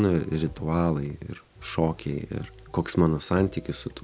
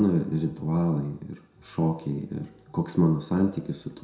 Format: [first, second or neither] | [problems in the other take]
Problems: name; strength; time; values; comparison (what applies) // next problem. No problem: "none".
first | room echo; dies away in 0.6 s